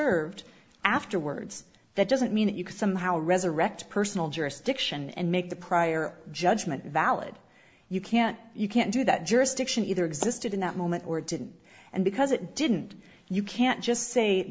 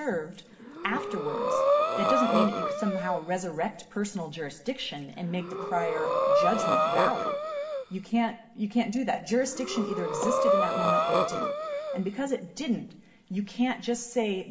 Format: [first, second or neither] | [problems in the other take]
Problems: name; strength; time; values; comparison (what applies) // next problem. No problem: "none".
first | background sound (Breathing); 3 dB above the speech // room echo; dies away in 1.2 s